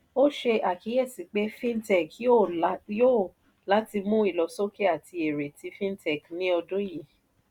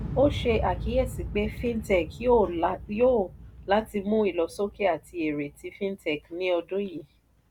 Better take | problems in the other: first | background sound (Explosion); 11 dB below the speech

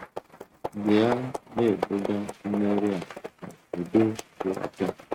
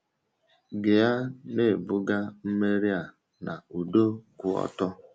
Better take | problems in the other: second | noise reduction (neural mask model RNNoise)

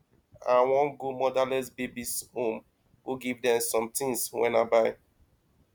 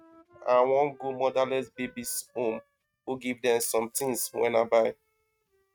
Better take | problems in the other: first | noise reduction (neural mask model RNNoise)

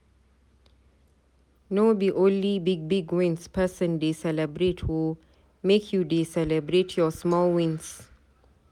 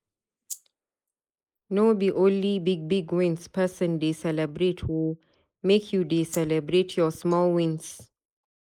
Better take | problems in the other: first | noise reduction (neural mask model Resemble Enhance denoiser)

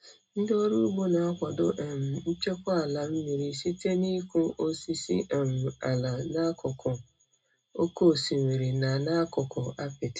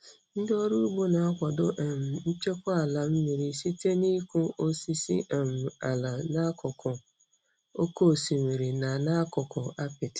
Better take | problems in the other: second | room echo; dies away in 0.2 s

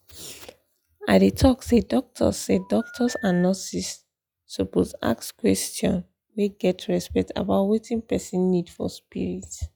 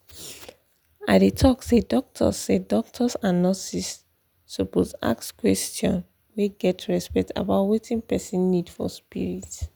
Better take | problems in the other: second | noise reduction (classical method log-MMSE)

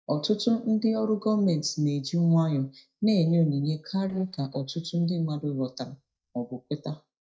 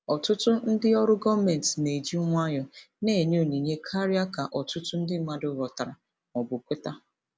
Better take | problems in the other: second | noise reduction (neural mask model DeepFilterNet 3)

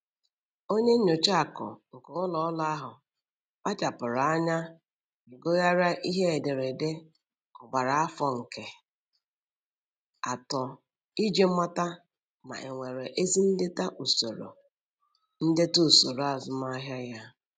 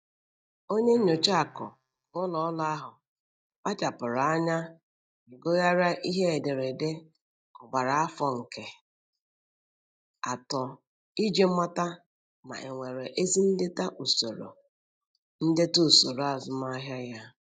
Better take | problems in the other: first | noise reduction (neural mask model DeepFilterNet 3)

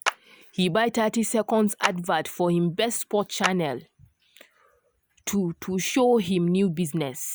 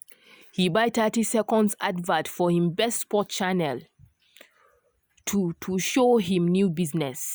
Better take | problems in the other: second | background sound (Clapping); 10 dB below the speech

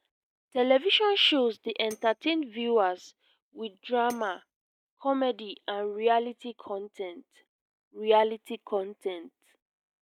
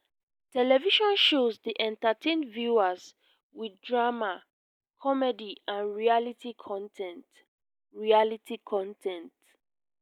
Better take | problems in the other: second | noise reduction (neural mask model RNNoise)

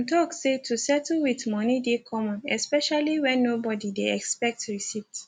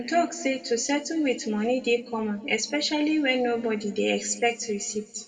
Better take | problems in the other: first | room echo; dies away in 1.3 s

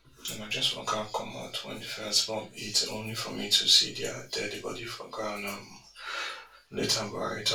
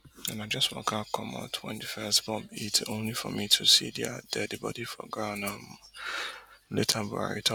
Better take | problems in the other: second | room echo; dies away in 0.2 s

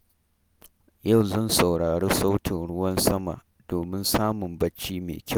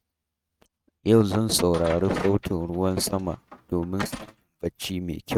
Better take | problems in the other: first | noise reduction (neural mask model RNNoise)

